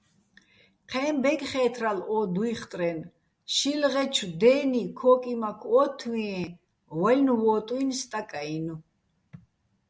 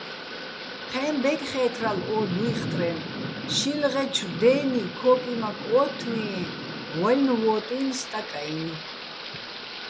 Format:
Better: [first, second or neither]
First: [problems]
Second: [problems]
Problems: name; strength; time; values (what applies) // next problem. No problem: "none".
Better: first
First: none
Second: background sound (Thunder / Rain); 8 dB below the speech